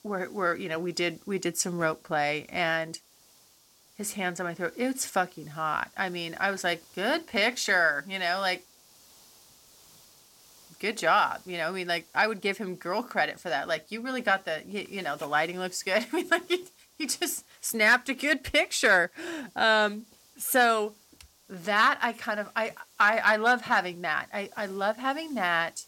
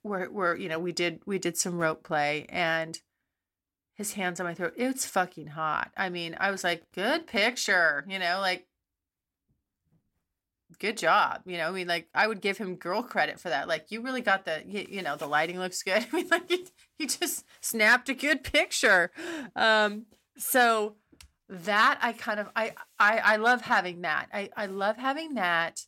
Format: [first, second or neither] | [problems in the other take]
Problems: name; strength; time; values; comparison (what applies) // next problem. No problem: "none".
second | hiss; faint; throughout; 30 dB below the speech